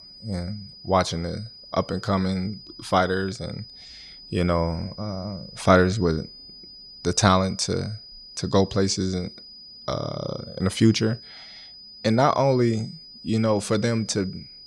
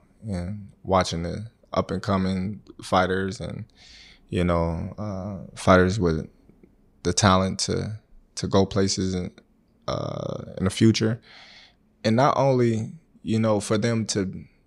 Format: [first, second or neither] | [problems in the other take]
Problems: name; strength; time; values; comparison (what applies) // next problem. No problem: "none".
second | high-pitched whine; noticeable; throughout; 5 kHz, 20 dB below the speech